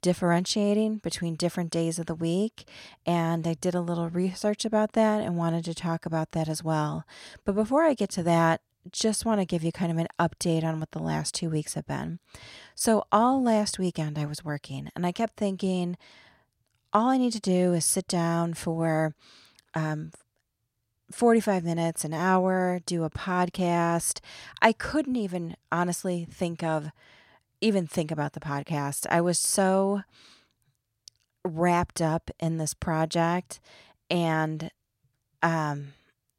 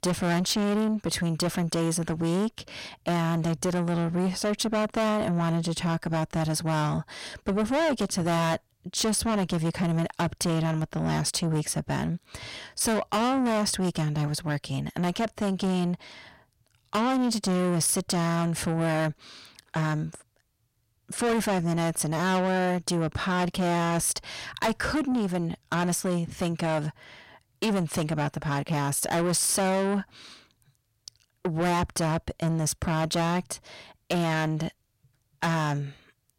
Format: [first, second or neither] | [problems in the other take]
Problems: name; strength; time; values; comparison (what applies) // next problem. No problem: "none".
first | distortion; heavy; 6 dB below the speech